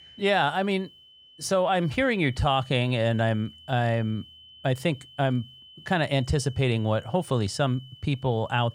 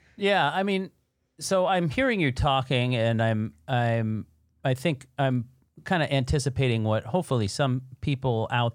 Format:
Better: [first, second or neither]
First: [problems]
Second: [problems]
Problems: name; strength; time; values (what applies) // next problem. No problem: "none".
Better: second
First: high-pitched whine; faint; throughout; 3 kHz, 20 dB below the speech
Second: none